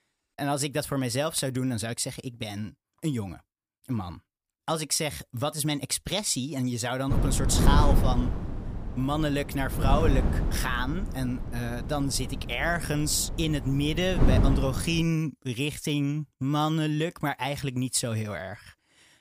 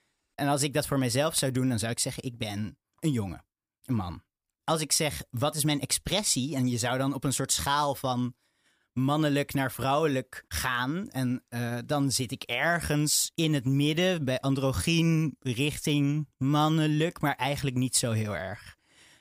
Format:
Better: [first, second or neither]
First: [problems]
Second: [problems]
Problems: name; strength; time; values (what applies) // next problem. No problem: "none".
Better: second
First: wind noise on the microphone; heavy; from 7 to 15 s; 7 dB below the speech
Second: none